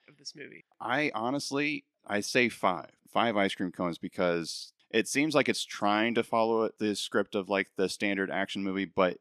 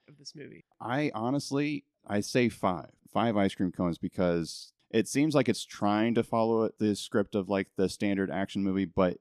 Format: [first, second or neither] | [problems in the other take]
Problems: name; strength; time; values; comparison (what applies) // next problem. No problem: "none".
second | thin; very slightly; fading below 700 Hz